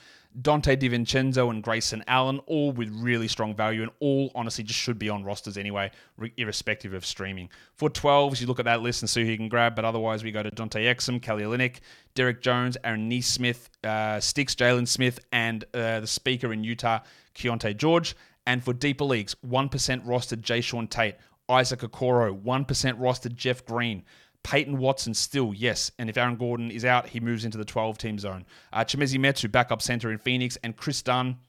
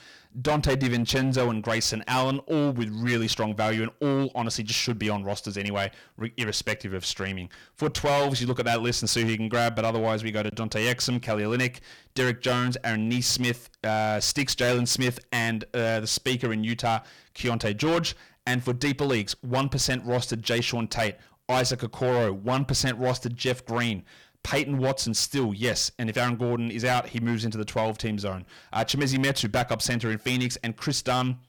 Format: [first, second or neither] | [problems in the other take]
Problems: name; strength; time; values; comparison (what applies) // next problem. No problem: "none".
first | distortion; heavy; 10% of the sound clipped